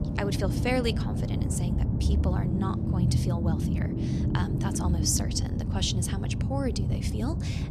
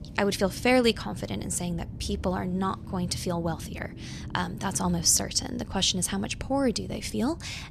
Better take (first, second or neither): second